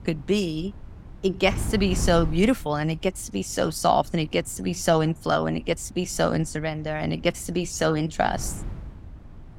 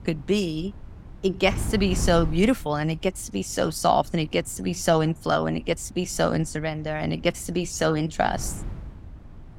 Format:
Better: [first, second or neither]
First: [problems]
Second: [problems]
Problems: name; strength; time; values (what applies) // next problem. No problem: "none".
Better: neither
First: wind noise on the microphone; occasional gusts; 20 dB below the speech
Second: wind noise on the microphone; occasional gusts; 20 dB below the speech